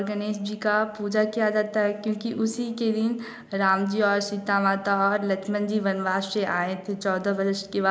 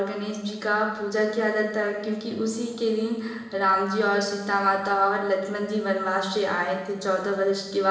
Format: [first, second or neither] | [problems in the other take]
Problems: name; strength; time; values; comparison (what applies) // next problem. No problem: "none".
first | room echo; dies away in 1.1 s